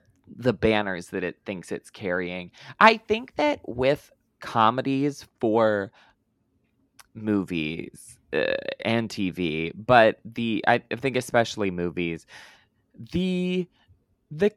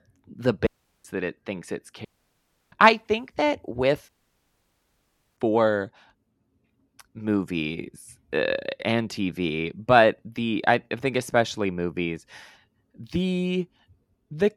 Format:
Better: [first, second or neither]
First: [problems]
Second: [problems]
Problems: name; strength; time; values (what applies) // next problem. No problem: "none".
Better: first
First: none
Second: audio cutting out; at 0.5 s, at 2 s for 0.5 s and at 4 s for 1.5 s